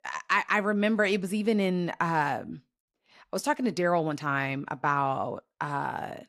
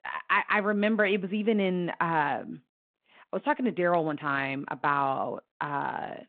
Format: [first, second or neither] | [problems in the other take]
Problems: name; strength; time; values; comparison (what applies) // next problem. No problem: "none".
first | phone-call audio